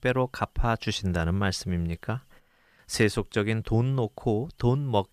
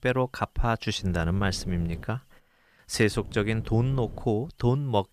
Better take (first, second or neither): first